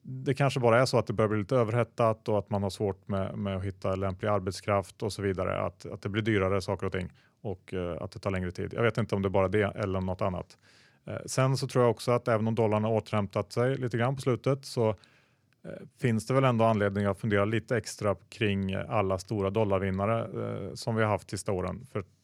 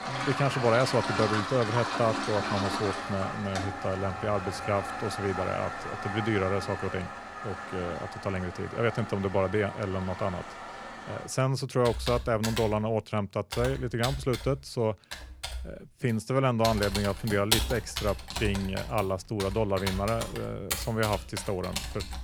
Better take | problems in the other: first | household noises; loud; throughout; 5 dB below the speech

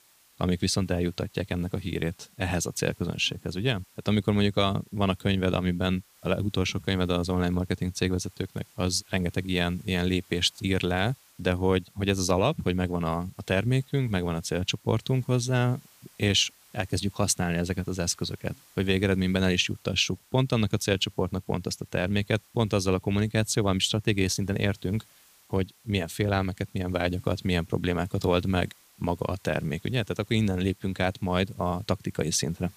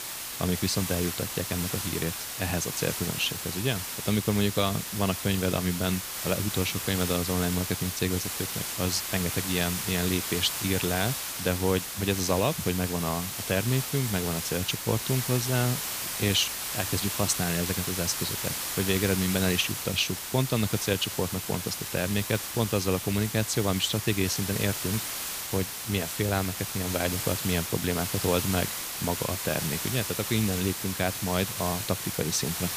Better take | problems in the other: first | hiss; loud; throughout; 3 dB below the speech; faint in the first

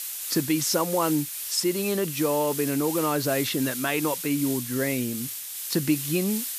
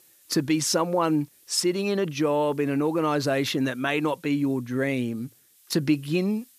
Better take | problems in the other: second | hiss; loud; throughout; 5 dB below the speech; faint in the second

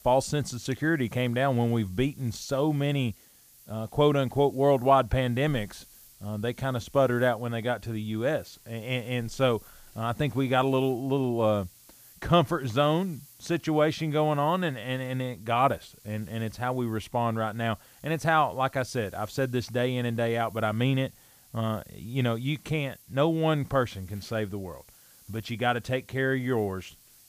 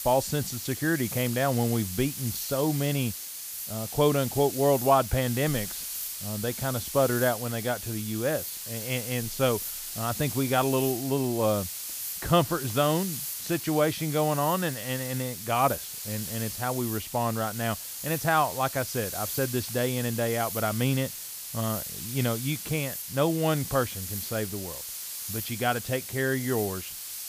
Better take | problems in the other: first | hiss; loud; throughout; 6 dB below the speech; faint in the first

